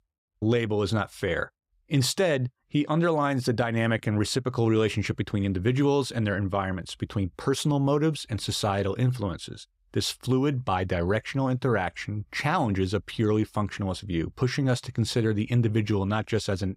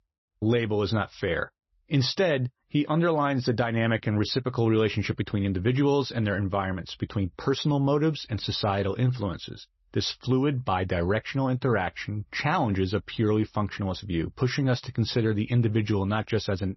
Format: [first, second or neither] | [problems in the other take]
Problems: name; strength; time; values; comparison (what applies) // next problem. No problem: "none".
first | garbled, watery; slightly; nothing above 6 kHz